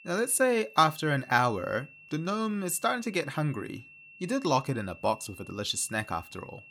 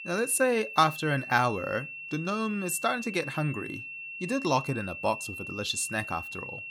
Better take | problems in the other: first | high-pitched whine; loud; throughout; 2.5 kHz, 9 dB below the speech; faint in the first

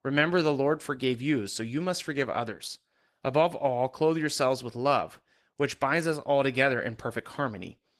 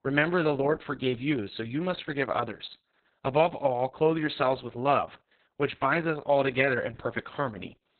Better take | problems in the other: first | garbled, watery; badly; nothing above 4 kHz; slightly in the first

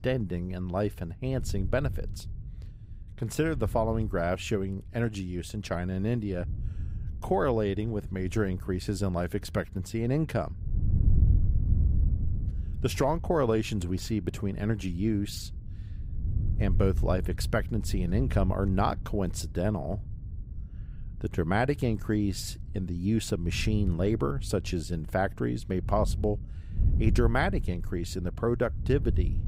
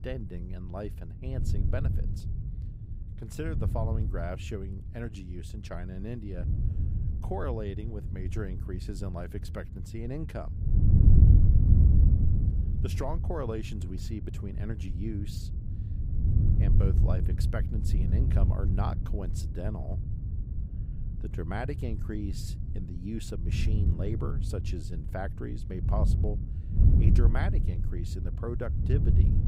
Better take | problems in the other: first | wind noise on the microphone; heavy; 3 dB below the speech; occasional gusts in the first

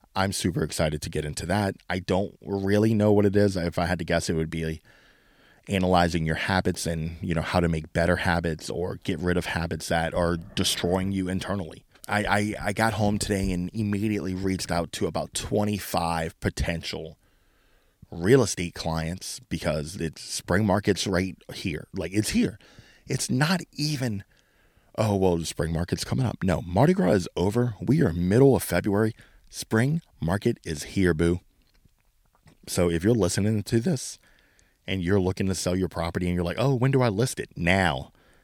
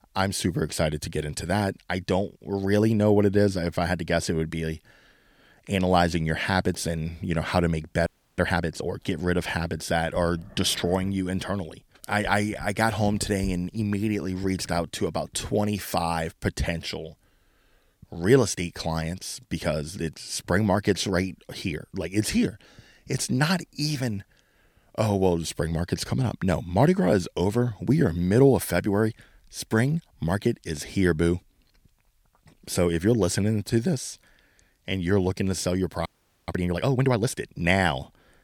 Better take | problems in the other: first | audio freezing; at 8 s and at 36 s

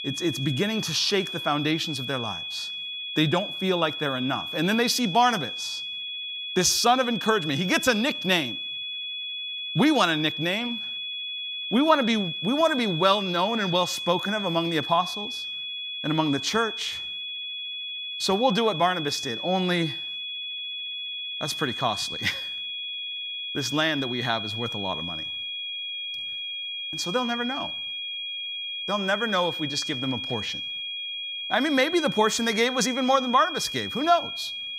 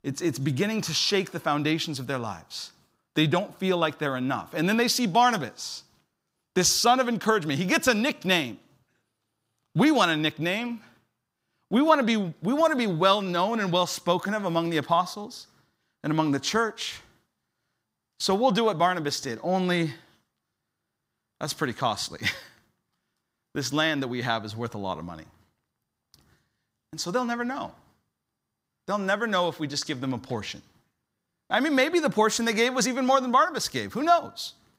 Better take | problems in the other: second | high-pitched whine; loud; throughout; 3.5 kHz, 5 dB below the speech

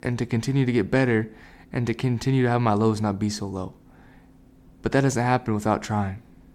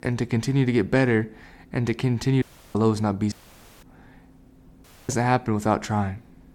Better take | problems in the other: first | audio cutting out; at 2.5 s, at 3.5 s for 0.5 s and at 5 s

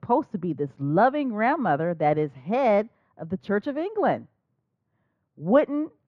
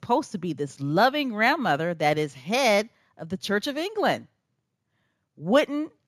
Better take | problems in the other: second | muffled; very; fading above 3.5 kHz

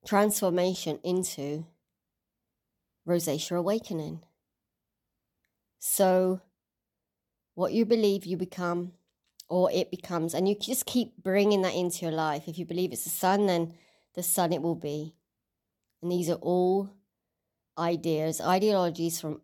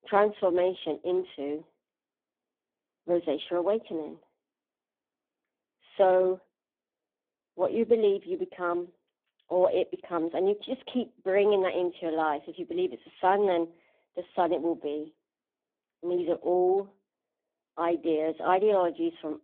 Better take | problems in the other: first | phone-call audio; poor line

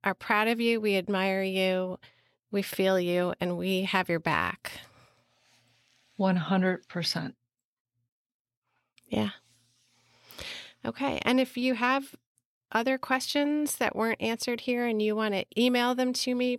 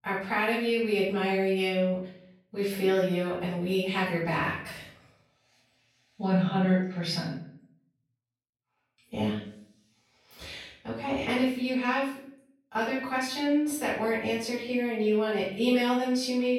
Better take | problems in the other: first | off-mic speech; far // room echo; noticeable; dies away in 0.5 s

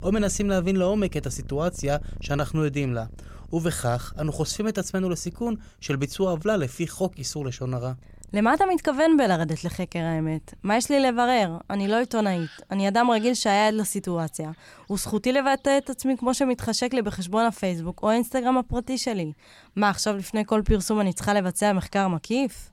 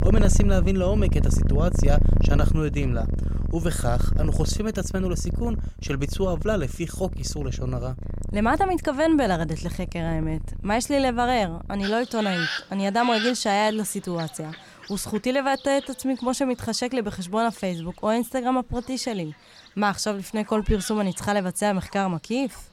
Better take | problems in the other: first | animal sounds; loud; throughout; 3 dB below the speech; faint in the first

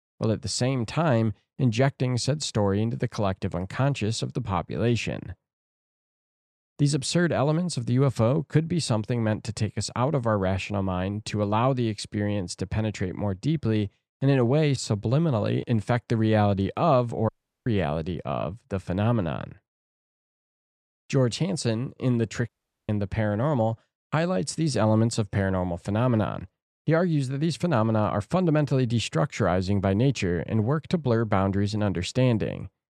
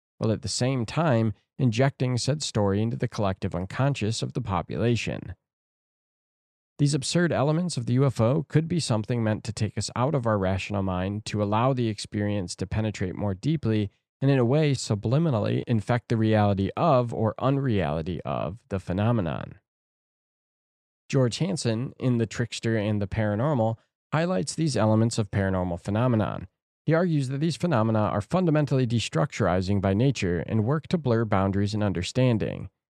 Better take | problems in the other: second | audio cutting out; at 17 s and at 22 s

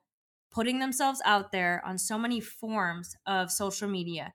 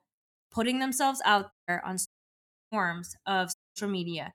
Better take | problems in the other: first | audio cutting out; at 1.5 s, at 2 s for 0.5 s and at 3.5 s

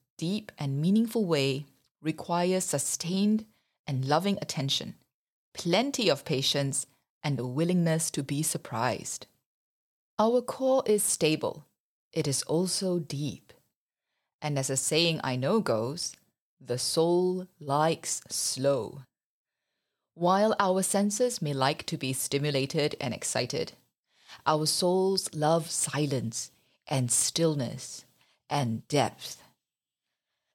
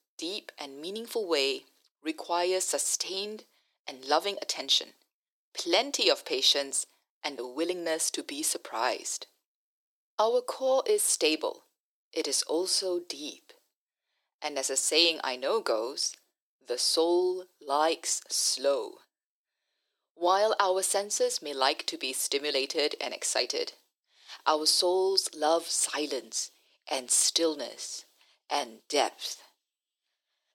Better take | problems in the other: first | thin; very; fading below 350 Hz

